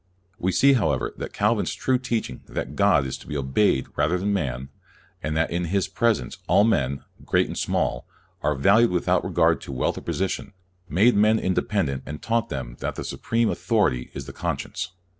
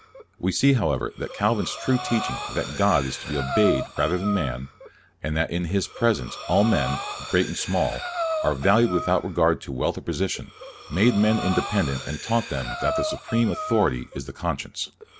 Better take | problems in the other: first | background sound (Breathing); 9 dB below the speech

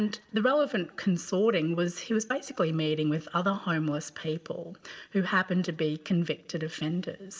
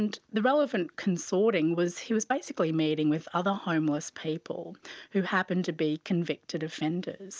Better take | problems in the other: second | room echo; dies away in 0.7 s

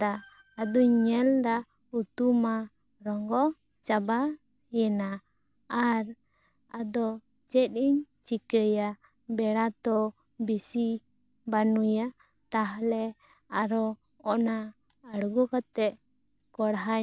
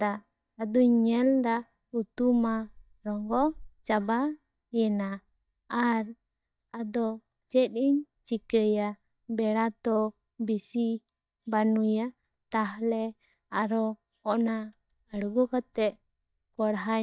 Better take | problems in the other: first | noise reduction (neural mask model DeepFilterNet 3)

